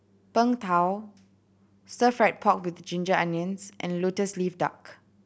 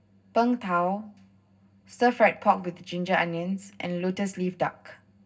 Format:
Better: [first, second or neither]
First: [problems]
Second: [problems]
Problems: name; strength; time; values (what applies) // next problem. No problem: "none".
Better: first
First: none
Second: room echo; dies away in 0.4 s